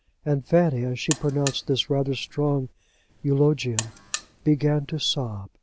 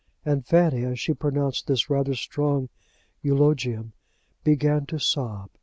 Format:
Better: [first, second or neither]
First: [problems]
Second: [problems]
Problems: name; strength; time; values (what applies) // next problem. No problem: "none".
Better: second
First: background sound (Alarm); 13 dB below the speech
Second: none